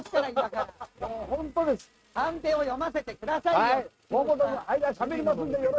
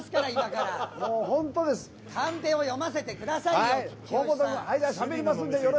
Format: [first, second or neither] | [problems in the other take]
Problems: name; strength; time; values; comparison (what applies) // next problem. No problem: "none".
second | noise reduction (neural mask model RNNoise)